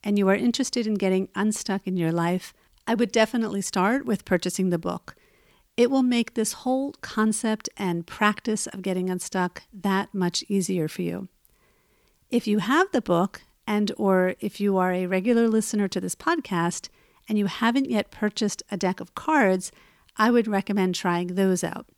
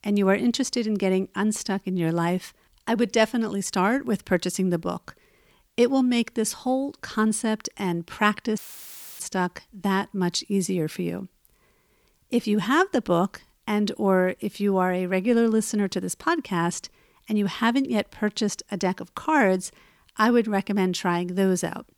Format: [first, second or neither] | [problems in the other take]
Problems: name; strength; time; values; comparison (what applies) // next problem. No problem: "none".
first | audio cutting out; filled with static; at 8.5 s for 0.5 s